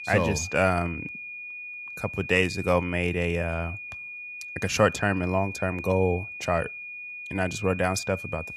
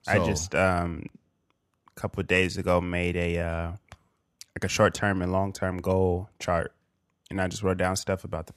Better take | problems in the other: second | high-pitched whine; loud; throughout; 2.5 kHz, 9 dB below the speech

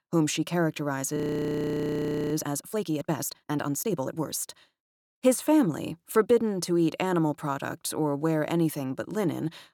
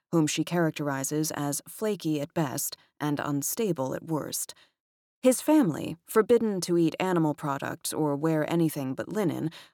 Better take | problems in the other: second | audio freezing; at 1 s for 1 s

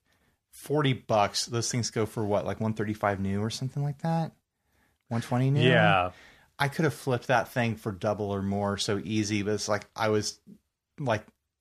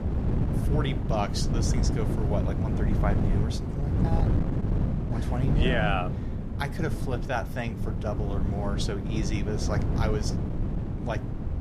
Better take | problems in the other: first | wind noise on the microphone; heavy; 4 dB below the speech

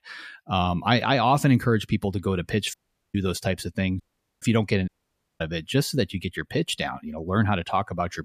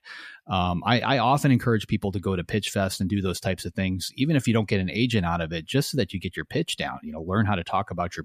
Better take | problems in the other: second | audio cutting out; at 2.5 s, at 4 s and at 5 s for 0.5 s

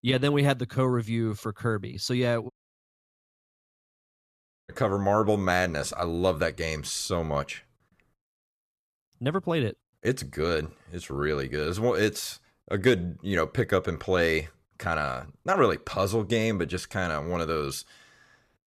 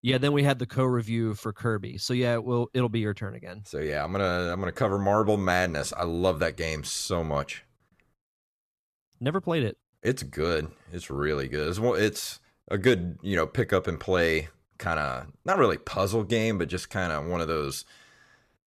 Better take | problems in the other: second | audio cutting out; at 2.5 s for 2 s

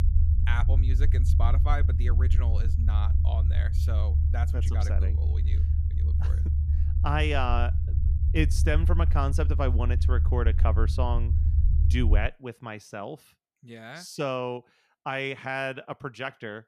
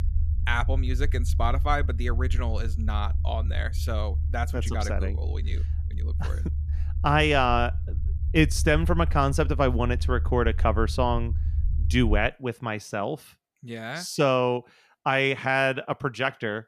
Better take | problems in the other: second | low rumble; loud; until 12 s; 10 dB below the speech; faint in the second

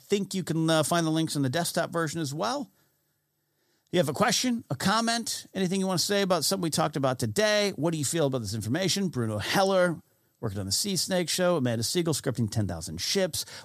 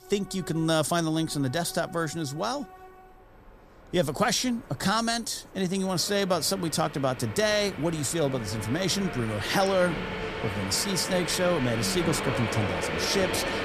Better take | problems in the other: first | train or aircraft noise; loud; throughout; 6 dB below the speech

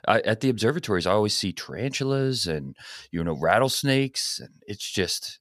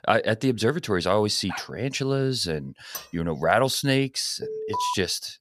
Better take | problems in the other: first | dog barking; faint; at 1.5 s; peak 15 dB below the speech // clattering dishes; faint; at 3 s; peak 15 dB below the speech // alarm; noticeable; at 4.5 s; peak 3 dB below the speech

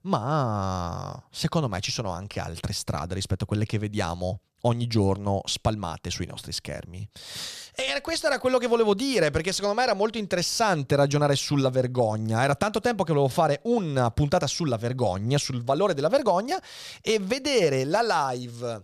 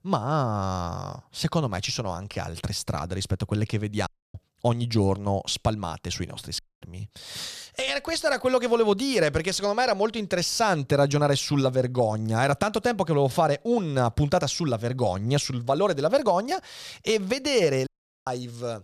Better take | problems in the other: first | audio cutting out; at 4 s, at 6.5 s and at 18 s

